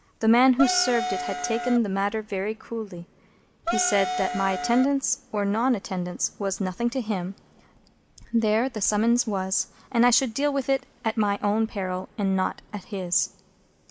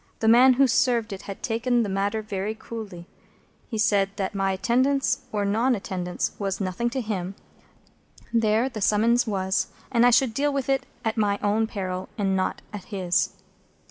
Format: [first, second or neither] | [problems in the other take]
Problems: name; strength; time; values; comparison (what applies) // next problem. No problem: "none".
second | background sound (Wind instrument, woodwind instrument); 4 dB below the speech